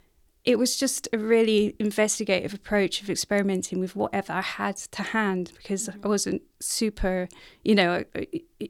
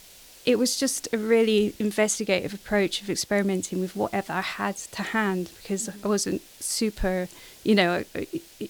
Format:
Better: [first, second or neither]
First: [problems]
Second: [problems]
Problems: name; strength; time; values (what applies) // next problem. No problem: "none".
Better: first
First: none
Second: hiss; faint; throughout; 20 dB below the speech